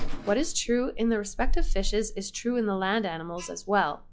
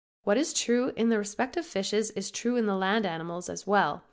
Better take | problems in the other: second | noise reduction (classical method log-MMSE)

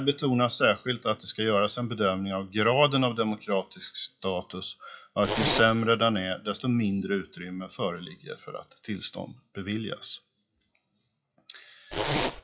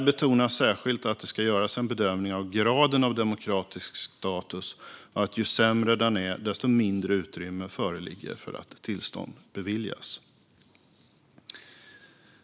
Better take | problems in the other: second | noise reduction (classical method WPE with log-MMSE)

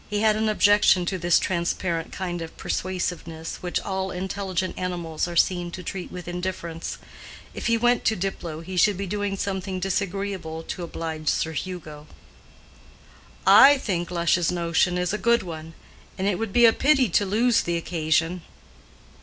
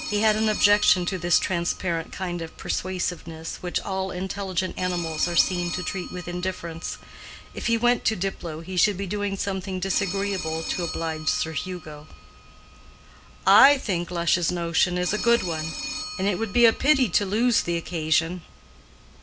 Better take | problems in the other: first | background sound (Telephone); 12 dB below the speech

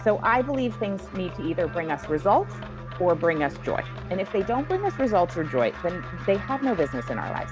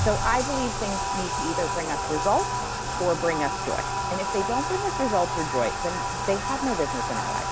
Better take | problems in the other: first | background sound (Bathtub (filling or washing)); 1 dB below the speech

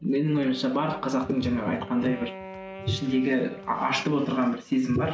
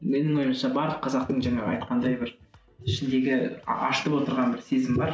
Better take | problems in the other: second | background sound (Wind instrument, woodwind instrument); 16 dB below the speech

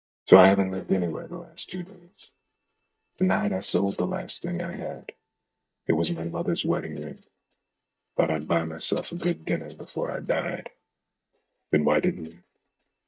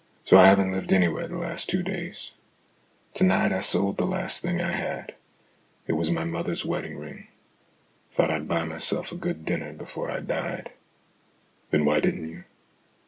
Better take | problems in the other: second | noise reduction (neural mask model DeepFilterNet 3)

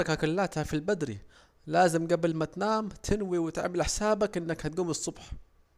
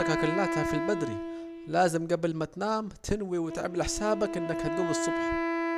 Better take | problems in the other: first | background sound (Wind instrument, woodwind instrument); 2 dB below the speech

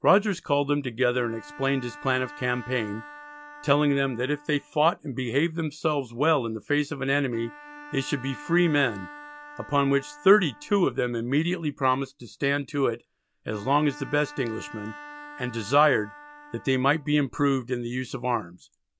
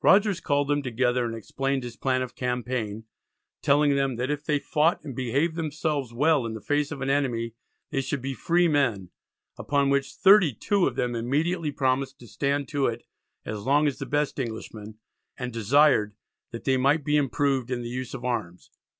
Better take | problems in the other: second | background sound (Bowed string instrument); 19 dB below the speech

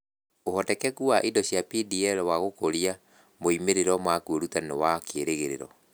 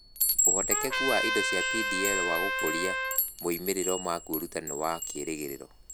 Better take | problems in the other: first | background sound (Chime + Trumpet); 3 dB above the speech

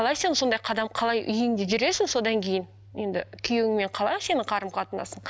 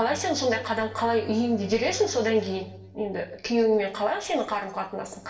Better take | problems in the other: first | background sound (Bowed string instrument); 19 dB below the speech // room echo; dies away in 0.7 s

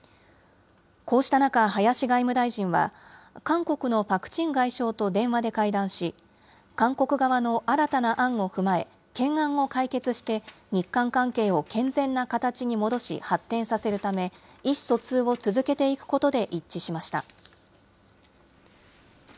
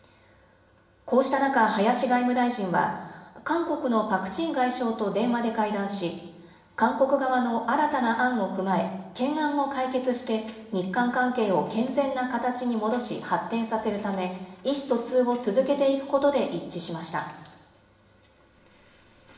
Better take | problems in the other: first | room echo; dies away in 1 s

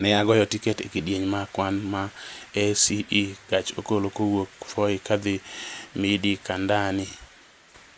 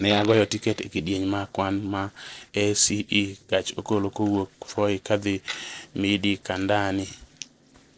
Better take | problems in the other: first | noise reduction (neural separator model SepFormer DNS4)

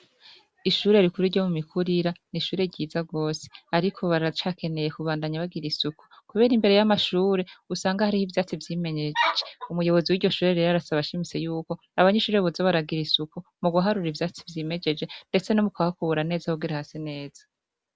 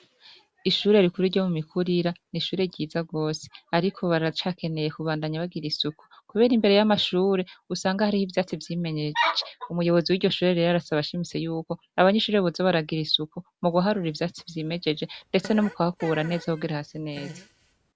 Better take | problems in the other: first | background sound (Fart); 18 dB below the speech

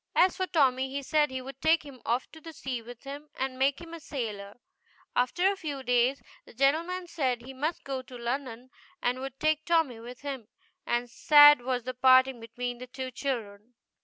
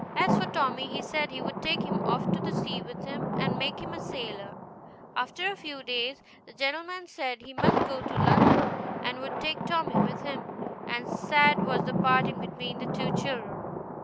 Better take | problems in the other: first | background sound (Thunder); 2 dB above the speech

